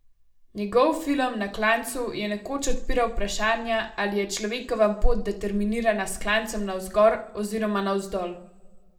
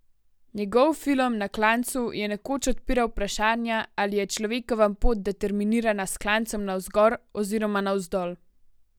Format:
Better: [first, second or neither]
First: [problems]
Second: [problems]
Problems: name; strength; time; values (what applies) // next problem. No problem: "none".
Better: second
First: room echo; dies away in 0.5 s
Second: none